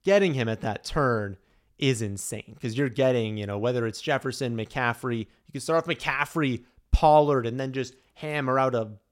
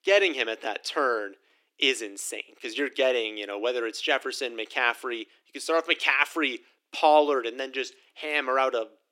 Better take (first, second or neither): first